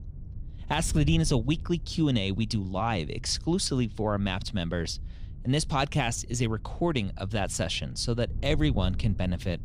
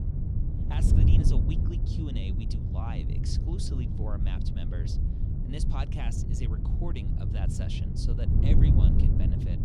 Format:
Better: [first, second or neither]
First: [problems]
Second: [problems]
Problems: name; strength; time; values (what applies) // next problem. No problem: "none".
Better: first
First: wind noise on the microphone; occasional gusts; 25 dB below the speech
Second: wind noise on the microphone; heavy; 2 dB above the speech